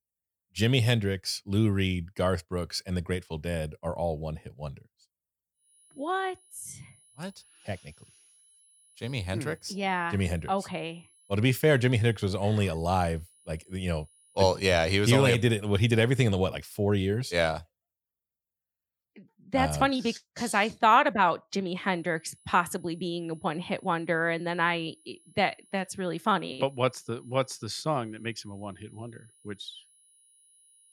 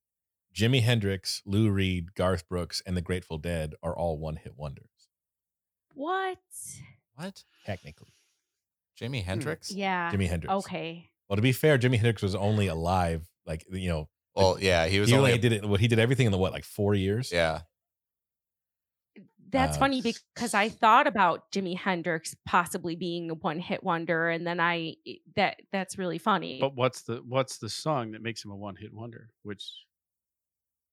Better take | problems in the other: second | high-pitched whine; faint; from 5.5 to 16 s and from 22 s on; 10.5 kHz, 30 dB below the speech

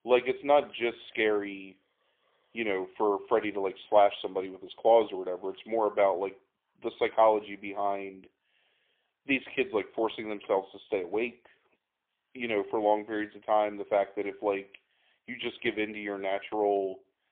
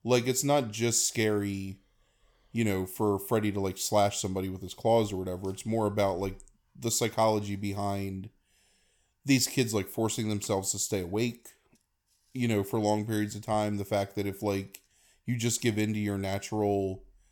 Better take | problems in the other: second | phone-call audio; poor line; nothing above 3.5 kHz

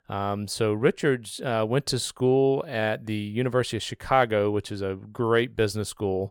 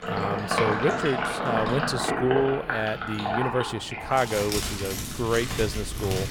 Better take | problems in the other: first | household noises; loud; throughout; 1 dB below the speech

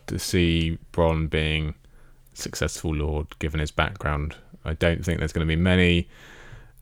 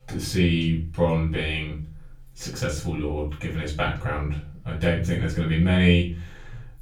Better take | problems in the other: first | off-mic speech; far // room echo; slight; dies away in 0.4 s

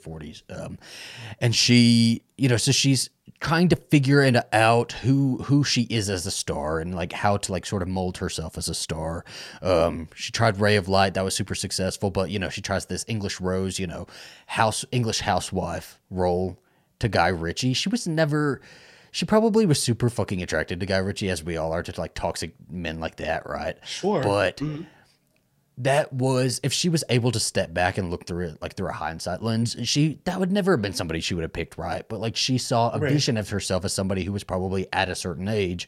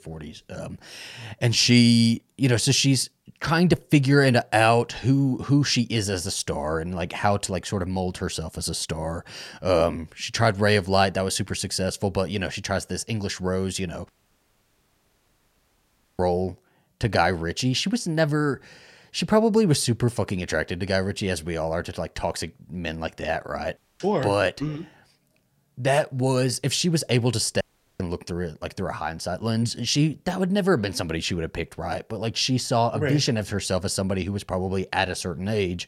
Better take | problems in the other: first | audio cutting out; at 14 s for 2 s, at 24 s and at 28 s

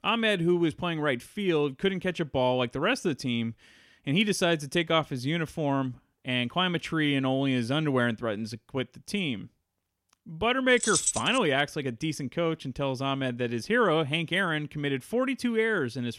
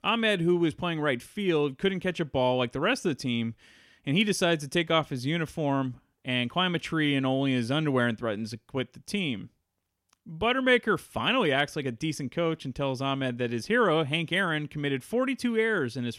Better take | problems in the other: second | jangling keys; loud; at 11 s; peak 2 dB above the speech

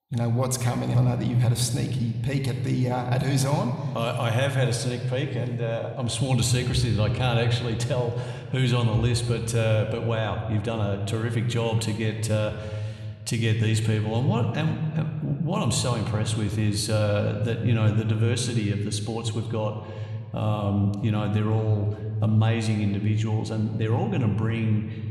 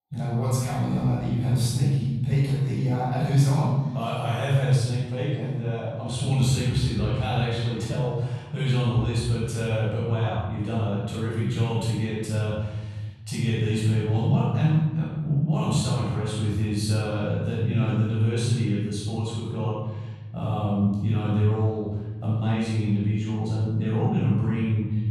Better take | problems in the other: first | room echo; strong; dies away in 1.4 s; slight in the first // off-mic speech; far

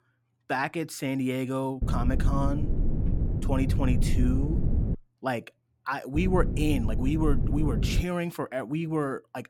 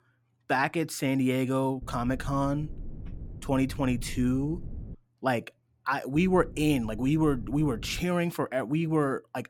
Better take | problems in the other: second | low rumble; loud; from 2 to 5 s and from 6 to 8 s; 8 dB below the speech; faint in the second

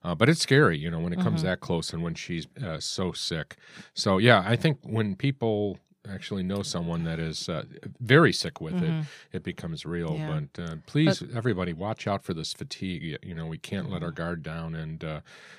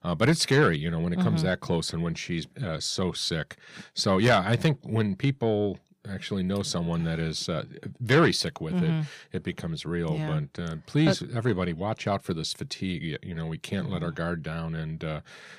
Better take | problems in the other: first | distortion; slight; 10 dB below the speech

